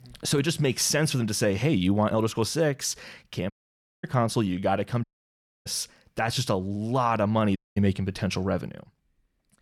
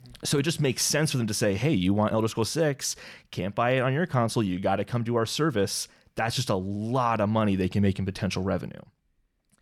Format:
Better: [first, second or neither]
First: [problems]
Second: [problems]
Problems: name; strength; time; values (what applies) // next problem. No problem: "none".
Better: second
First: audio cutting out; at 3.5 s for 0.5 s, at 5 s for 0.5 s and at 7.5 s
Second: none